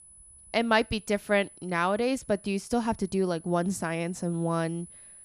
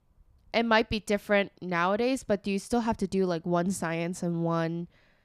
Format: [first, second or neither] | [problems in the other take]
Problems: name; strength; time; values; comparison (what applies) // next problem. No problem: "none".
second | high-pitched whine; faint; throughout; 10 kHz, 20 dB below the speech